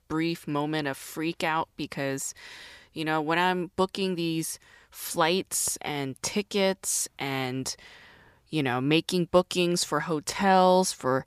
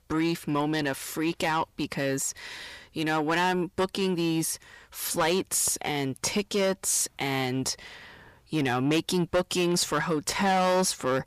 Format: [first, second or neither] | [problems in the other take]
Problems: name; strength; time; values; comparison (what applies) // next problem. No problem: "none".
first | distortion; heavy; 8 dB below the speech